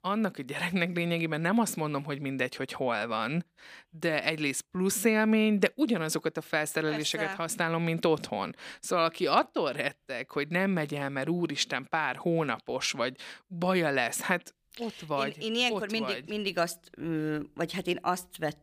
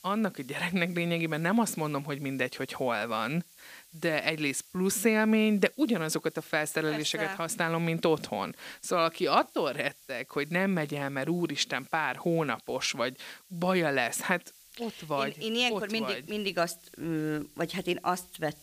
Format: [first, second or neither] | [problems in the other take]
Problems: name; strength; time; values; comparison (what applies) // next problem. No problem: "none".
first | hiss; faint; throughout; 25 dB below the speech